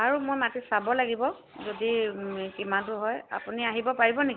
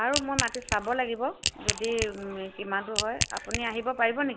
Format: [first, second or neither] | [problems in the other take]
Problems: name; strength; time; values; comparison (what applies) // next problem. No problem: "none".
first | background sound (Crack / Crushing); 3 dB below the speech